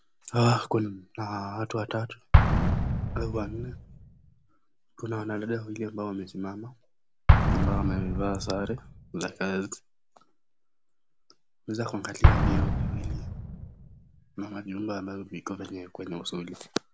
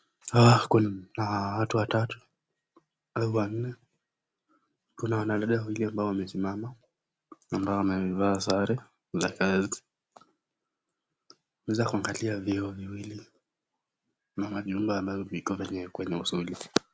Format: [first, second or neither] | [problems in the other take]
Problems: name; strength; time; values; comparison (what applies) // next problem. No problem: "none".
second | background sound (Explosion); 5 dB above the speech